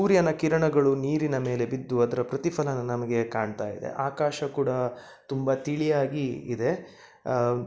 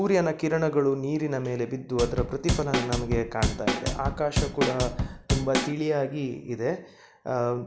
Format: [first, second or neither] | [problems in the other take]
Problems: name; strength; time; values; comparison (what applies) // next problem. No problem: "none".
first | background sound (Drum / Drum kit); as loud as the speech